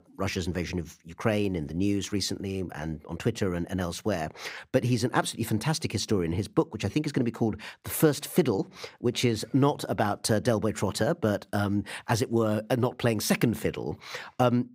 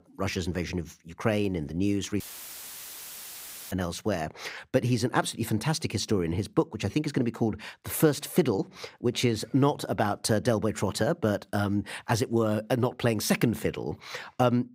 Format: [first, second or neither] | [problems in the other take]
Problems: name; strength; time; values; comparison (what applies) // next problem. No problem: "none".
first | audio cutting out; filled with static; at 2 s for 1.5 s